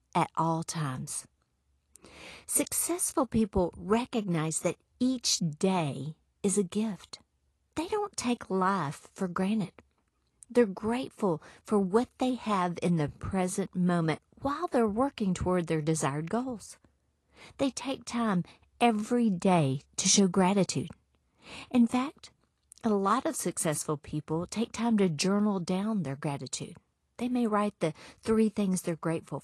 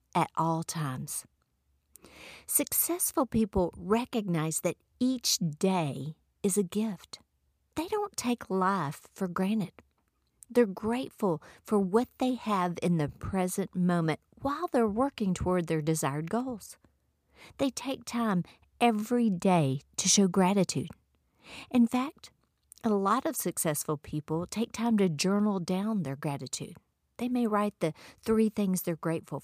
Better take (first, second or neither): second